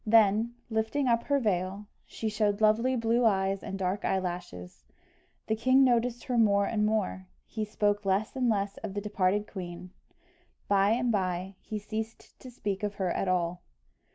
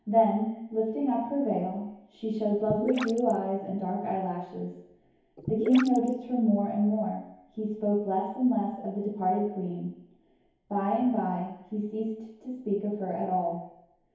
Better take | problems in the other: first | background sound (Gurgling / Liquid); 7 dB below the speech // room echo; dies away in 2.2 s

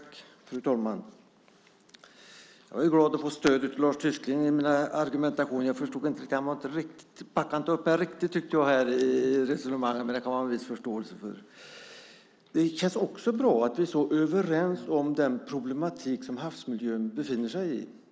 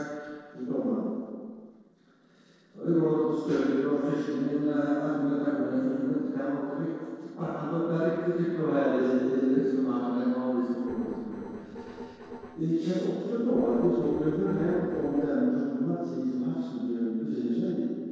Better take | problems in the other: first | noise reduction (neural separator model SepFormer DNS4)

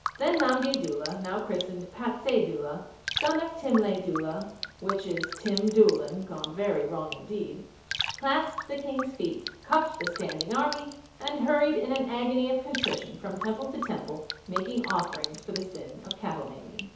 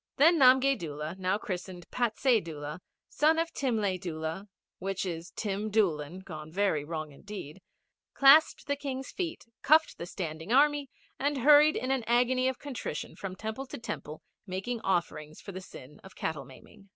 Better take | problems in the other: second | background sound (Raindrop); 9 dB below the speech // room echo; dies away in 0.8 s

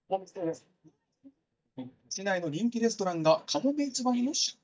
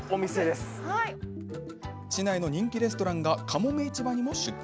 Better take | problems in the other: second | noise reduction (neural mask model DeepFilterNet 3)

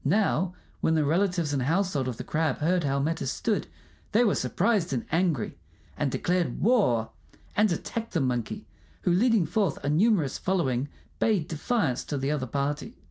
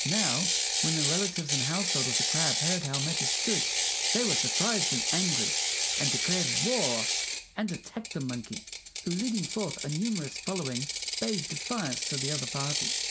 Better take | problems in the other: first | background sound (Ratchet, pawl); 4 dB above the speech

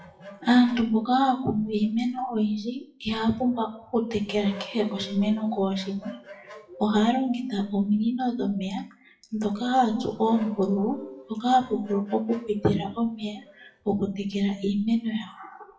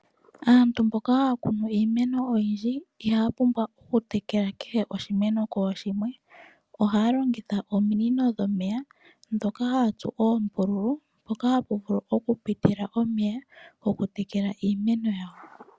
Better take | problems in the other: second | noise reduction (classical method WPE with log-MMSE)

